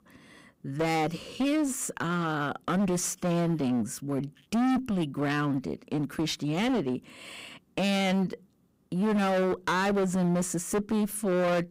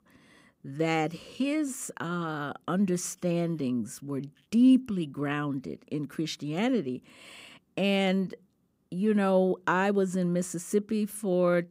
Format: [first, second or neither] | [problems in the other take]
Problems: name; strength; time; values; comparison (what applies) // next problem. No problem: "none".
second | distortion; heavy; 21% of the sound clipped